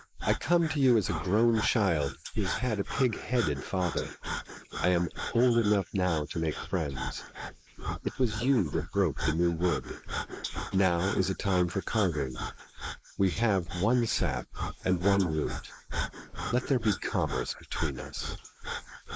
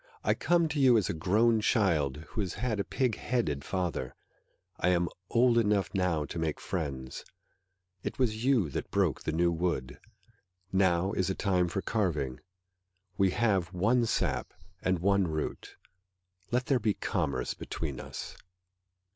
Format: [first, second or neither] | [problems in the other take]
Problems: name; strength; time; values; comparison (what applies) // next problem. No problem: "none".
second | noise reduction (neural mask model Resemble Enhance denoiser)